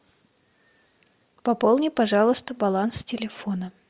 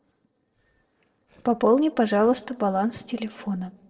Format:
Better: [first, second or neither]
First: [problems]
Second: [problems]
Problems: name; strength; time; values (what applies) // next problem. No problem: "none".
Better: first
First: none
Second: noise reduction (neural separator model SepFormer DNS4)